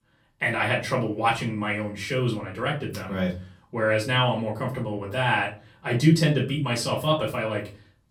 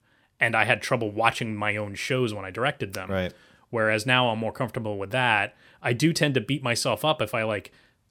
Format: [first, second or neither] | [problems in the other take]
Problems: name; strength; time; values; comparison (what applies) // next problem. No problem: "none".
second | off-mic speech; far // room echo; slight; dies away in 0.3 s